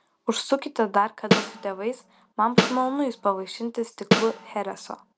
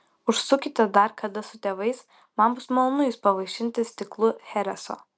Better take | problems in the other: second | background sound (Snare drum); 1 dB above the speech

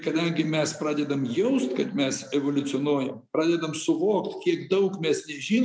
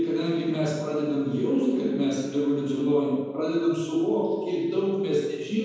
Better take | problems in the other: first | room echo; dies away in 1.2 s

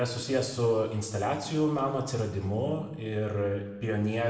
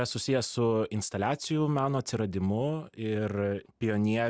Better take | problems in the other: second | room echo; dies away in 1.1 s

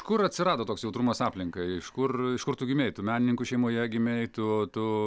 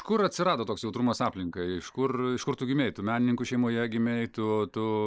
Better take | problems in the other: first | noise reduction (neural mask model Resemble Enhance denoiser)

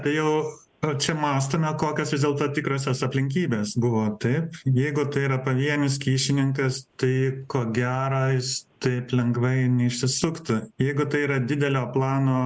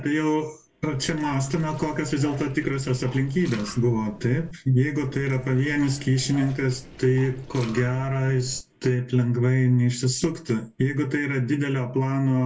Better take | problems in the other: first | background sound (Liquid); 18 dB below the speech // room echo; dies away in 0.2 s

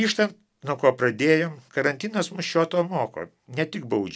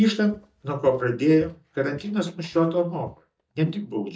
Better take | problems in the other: first | noise reduction (neural mask model DeepFilterNet 3)

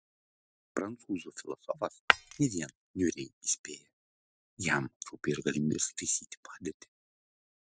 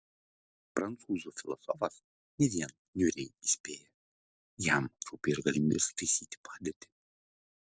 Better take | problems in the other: second | noise reduction (classical method spectral subtraction)

